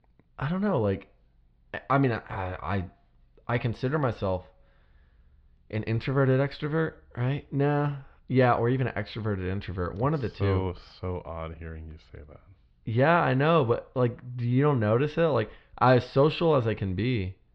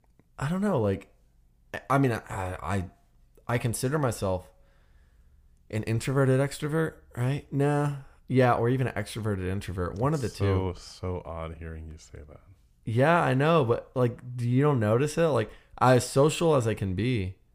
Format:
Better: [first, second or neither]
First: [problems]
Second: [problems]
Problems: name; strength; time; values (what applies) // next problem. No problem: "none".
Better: second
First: muffled; slightly; fading above 4 kHz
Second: none